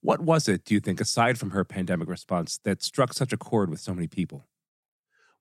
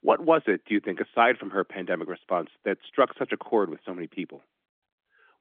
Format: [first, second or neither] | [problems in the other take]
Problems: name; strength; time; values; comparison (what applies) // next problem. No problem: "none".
first | phone-call audio; nothing above 3.5 kHz